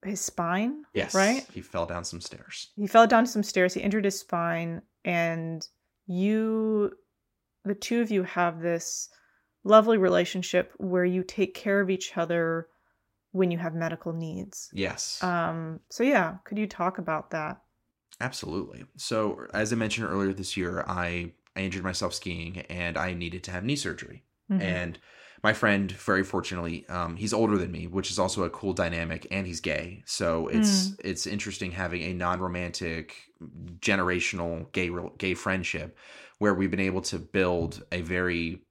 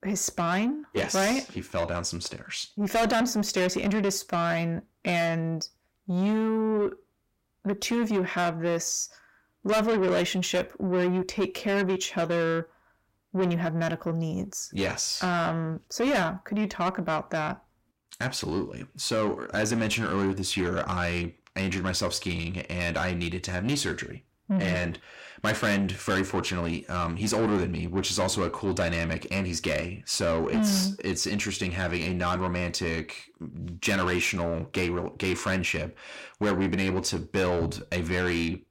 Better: first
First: none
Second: distortion; heavy; 6 dB below the speech

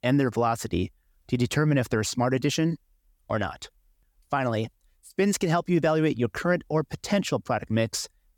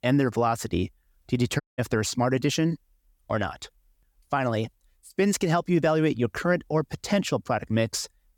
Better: first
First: none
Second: audio cutting out; at 1.5 s

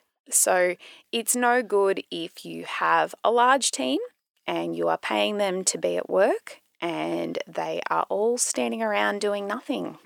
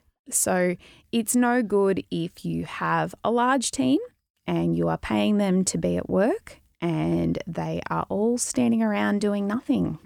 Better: second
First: thin; somewhat; fading below 500 Hz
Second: none

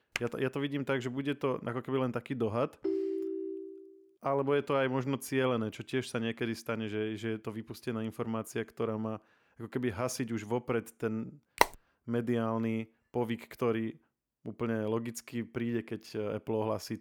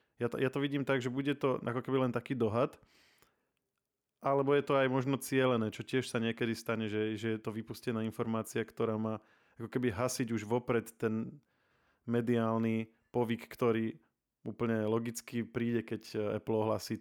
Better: second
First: keyboard typing; very faint; at the start; peak 6 dB below the speech // phone ringing; loud; at 3 s; peak 1 dB above the speech // phone ringing; very faint; at 12 s; peak 5 dB above the speech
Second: none

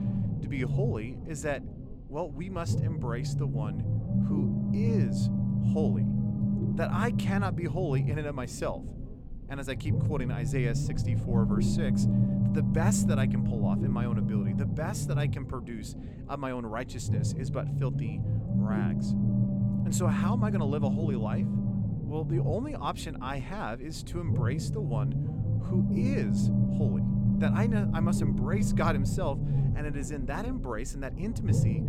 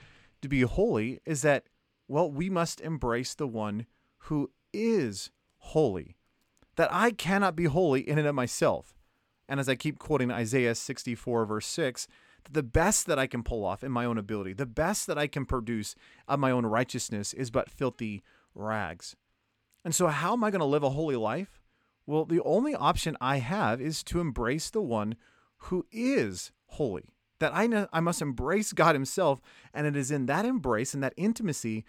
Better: second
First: low rumble; loud; throughout; 1 dB below the speech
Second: none

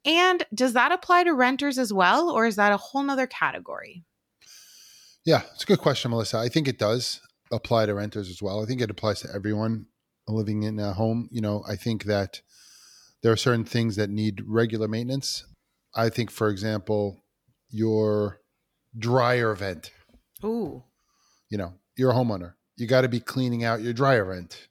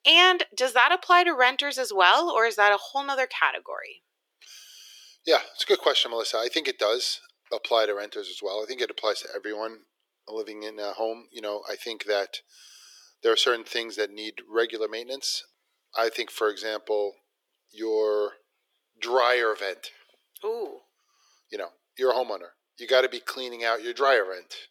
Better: first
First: none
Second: thin; very; fading below 400 Hz

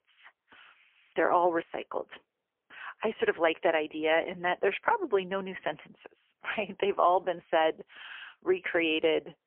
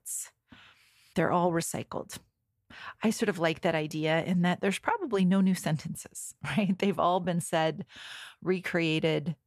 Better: second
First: phone-call audio; poor line; nothing above 3 kHz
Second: none

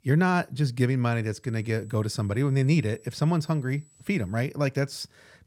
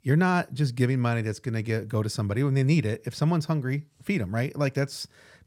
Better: second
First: high-pitched whine; faint; from 1.5 to 4.5 s; 8 kHz, 30 dB below the speech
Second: none

